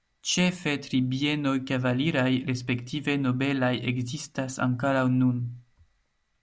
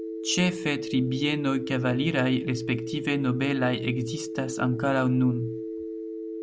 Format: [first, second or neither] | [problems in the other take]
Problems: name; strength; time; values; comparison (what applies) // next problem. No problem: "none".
first | background sound (Telephone); 7 dB below the speech